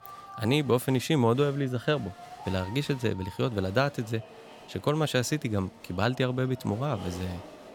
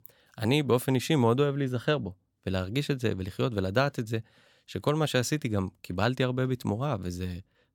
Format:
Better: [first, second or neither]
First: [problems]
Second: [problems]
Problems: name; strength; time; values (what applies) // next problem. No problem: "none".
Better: second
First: crowd noise; noticeable; throughout; 20 dB below the speech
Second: none